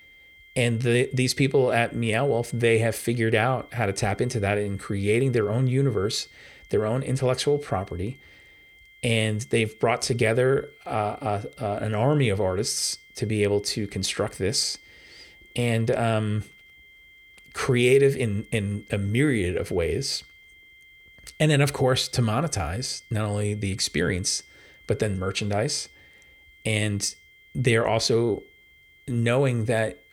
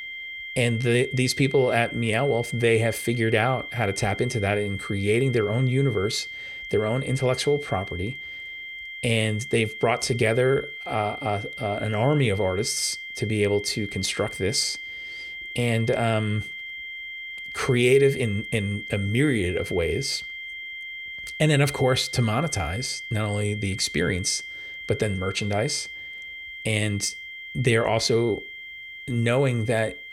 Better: first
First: high-pitched whine; faint; throughout; 2 kHz, 25 dB below the speech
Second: high-pitched whine; loud; throughout; 2 kHz, 10 dB below the speech

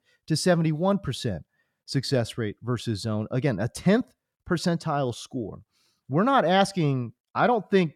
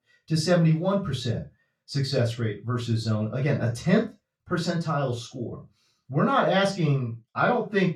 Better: first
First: none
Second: room echo; noticeable; dies away in 0.2 s // off-mic speech; far

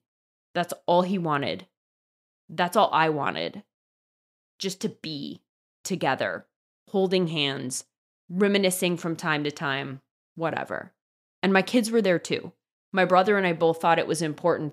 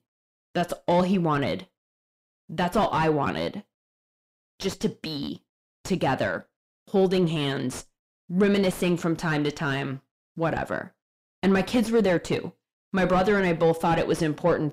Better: first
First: none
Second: distortion; heavy; 6 dB below the speech

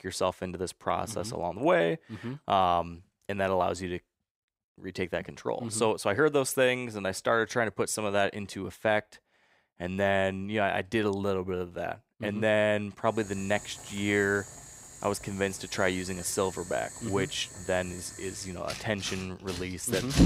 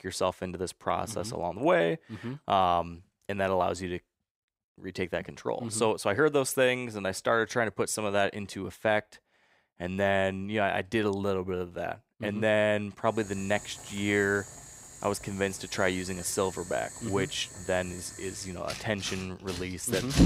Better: neither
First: household noises; noticeable; from 13 s on; 10 dB below the speech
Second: household noises; noticeable; from 13 s on; 10 dB below the speech

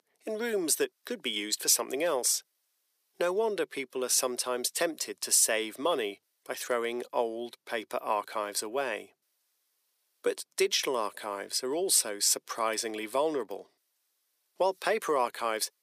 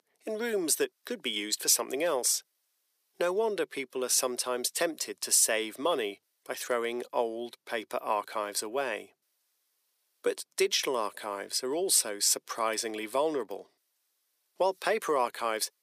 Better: neither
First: thin; very; fading below 350 Hz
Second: thin; very; fading below 350 Hz

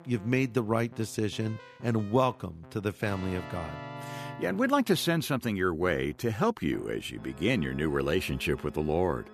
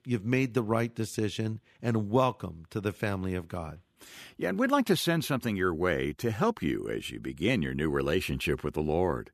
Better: second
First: background music; noticeable; throughout; 15 dB below the speech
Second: none

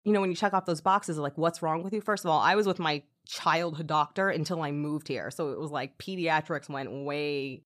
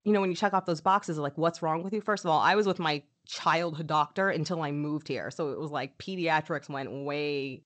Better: first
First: none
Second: garbled, watery; slightly; nothing above 8 kHz

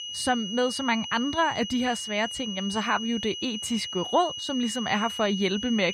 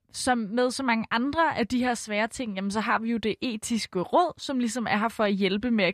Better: second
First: high-pitched whine; loud; throughout; 3 kHz, 6 dB below the speech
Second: none

